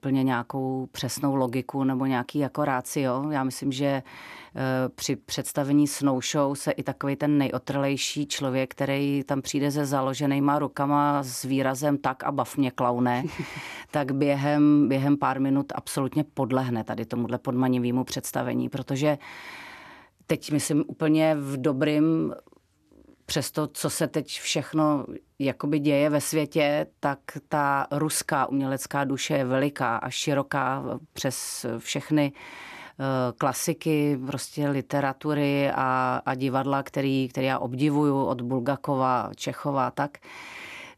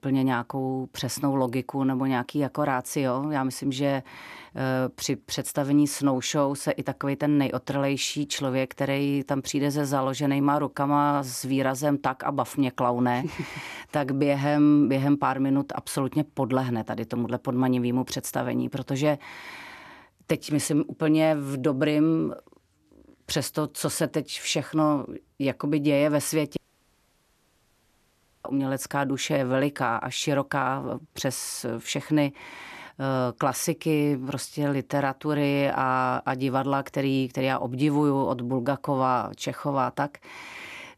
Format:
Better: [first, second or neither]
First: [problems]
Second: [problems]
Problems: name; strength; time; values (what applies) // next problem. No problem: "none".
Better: first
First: none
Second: audio cutting out; at 27 s for 2 s